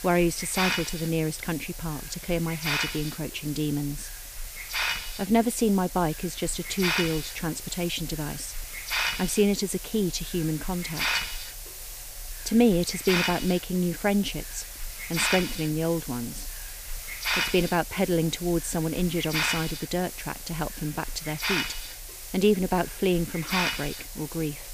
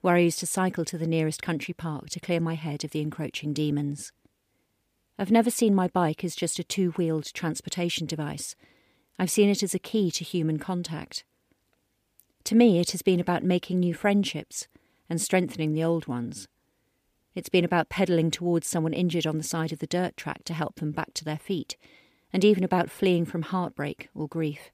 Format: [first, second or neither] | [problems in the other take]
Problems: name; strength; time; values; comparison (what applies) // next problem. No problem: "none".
second | hiss; loud; throughout; 4 dB below the speech